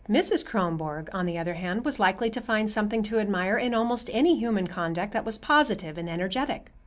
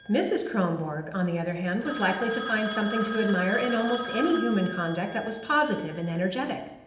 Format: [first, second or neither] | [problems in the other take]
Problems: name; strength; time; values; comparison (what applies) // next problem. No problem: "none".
first | background sound (Telephone); 11 dB below the speech // room echo; dies away in 0.8 s